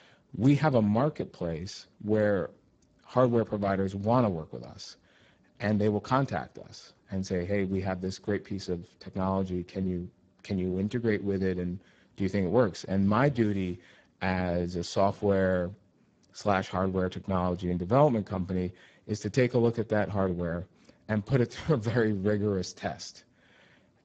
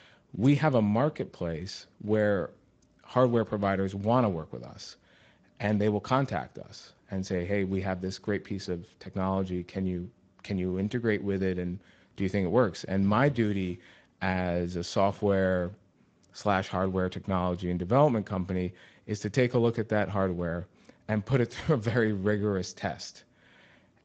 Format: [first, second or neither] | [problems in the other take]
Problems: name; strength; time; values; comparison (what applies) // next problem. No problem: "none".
second | garbled, watery; badly; nothing above 7.5 kHz; slightly in the second